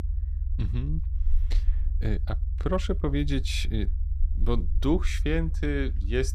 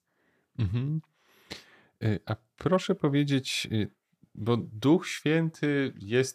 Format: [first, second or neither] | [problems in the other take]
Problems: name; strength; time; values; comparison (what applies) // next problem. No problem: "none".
second | low rumble; noticeable; throughout; 20 dB below the speech